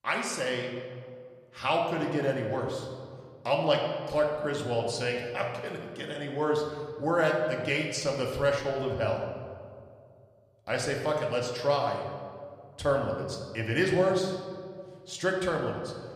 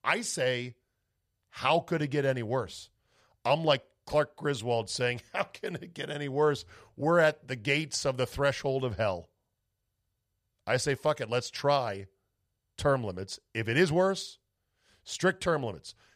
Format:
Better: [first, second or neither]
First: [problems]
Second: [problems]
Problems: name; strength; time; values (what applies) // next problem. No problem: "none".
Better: second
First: room echo; noticeable; dies away in 1.5 s // off-mic speech; somewhat distant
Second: none